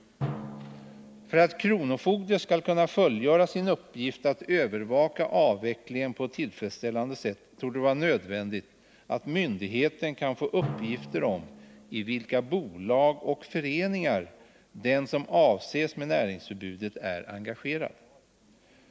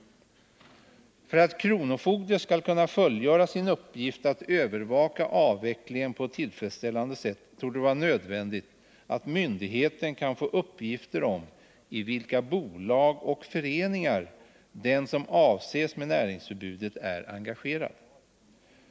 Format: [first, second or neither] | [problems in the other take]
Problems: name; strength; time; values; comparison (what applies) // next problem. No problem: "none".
second | background sound (Drum); 18 dB below the speech